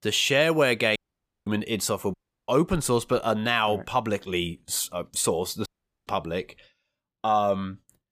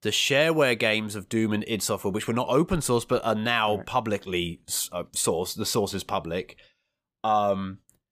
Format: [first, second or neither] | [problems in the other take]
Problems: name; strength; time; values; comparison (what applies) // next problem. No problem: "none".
second | audio cutting out; at 1 s for 0.5 s, at 2 s and at 5.5 s